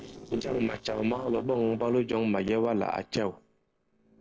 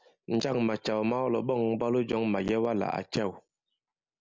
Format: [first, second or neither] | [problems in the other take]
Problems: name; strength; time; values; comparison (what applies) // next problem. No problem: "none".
second | noise reduction (neural separator model SepFormer DNS4)